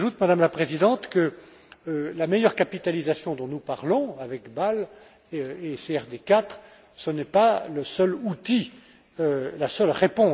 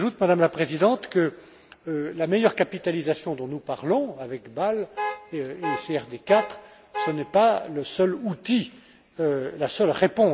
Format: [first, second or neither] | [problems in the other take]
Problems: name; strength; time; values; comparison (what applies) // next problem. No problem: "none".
first | background sound (Alarm / Car); 8 dB below the speech